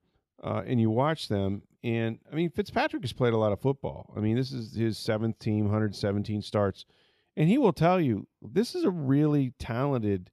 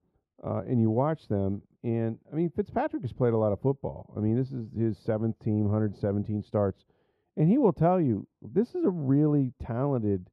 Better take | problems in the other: first | muffled; very; fading above 2 kHz

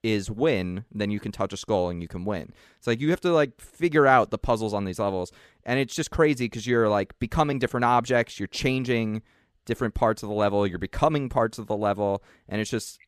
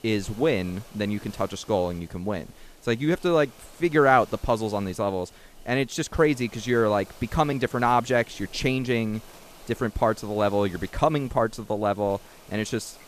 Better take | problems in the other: first | hiss; faint; throughout; 25 dB below the speech

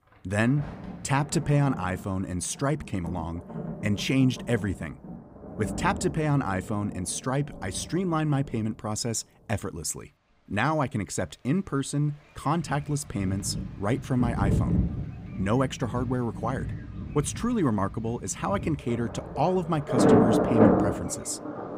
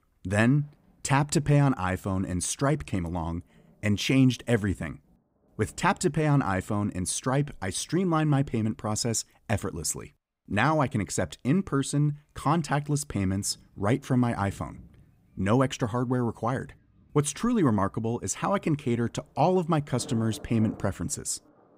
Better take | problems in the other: second | rain or running water; loud; throughout; 2 dB below the speech; faint in the second

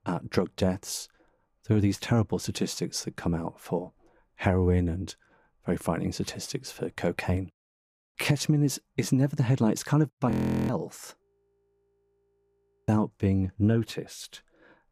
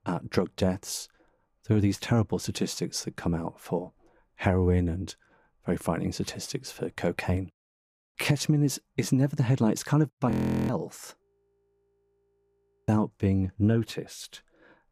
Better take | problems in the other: neither | audio freezing; at 10 s and at 11 s for 1.5 s; the same in both

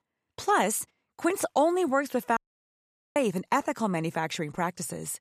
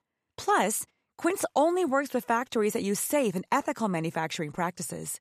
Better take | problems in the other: second | audio cutting out; at 2.5 s for 1 s

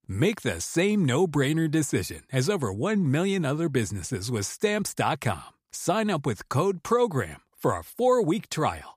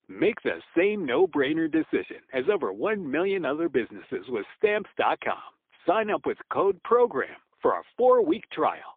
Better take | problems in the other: first | phone-call audio; poor line

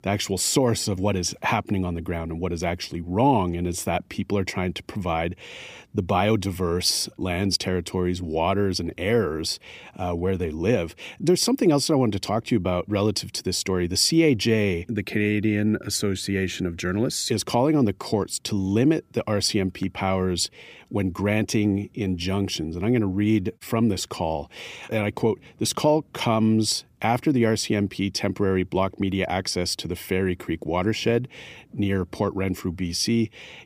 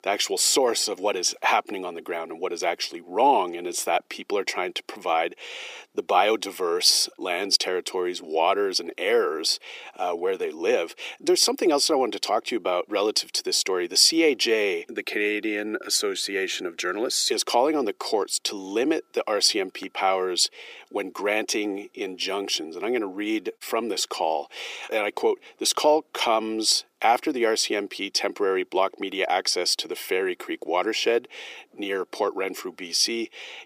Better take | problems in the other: first | thin; very; fading below 400 Hz

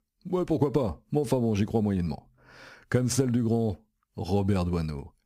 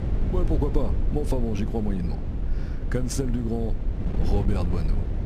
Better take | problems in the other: first | wind noise on the microphone; heavy; 7 dB below the speech

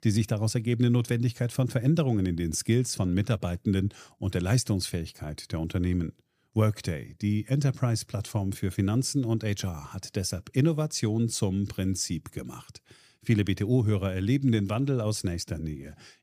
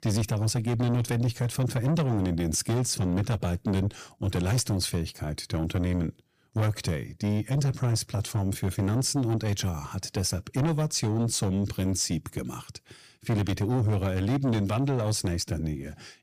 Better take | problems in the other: first | distortion; heavy; 7 dB below the speech

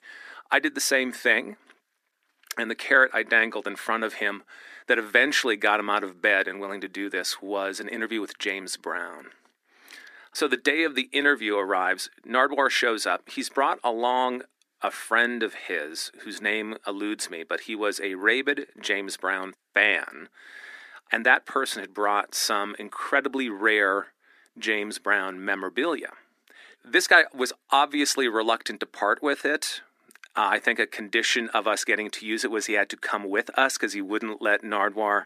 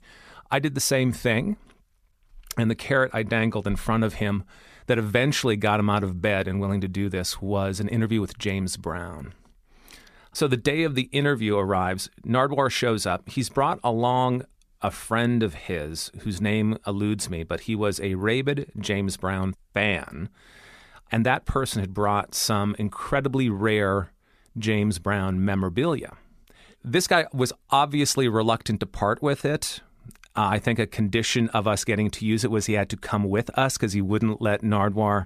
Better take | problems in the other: second | thin; somewhat; fading below 300 Hz

